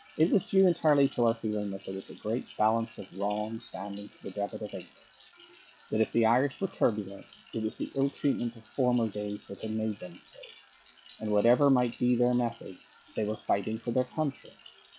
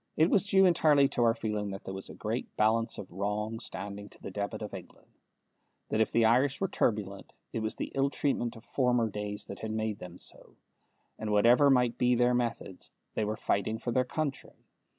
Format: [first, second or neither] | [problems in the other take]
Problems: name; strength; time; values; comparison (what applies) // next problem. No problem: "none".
second | noise reduction (classical method log-MMSE)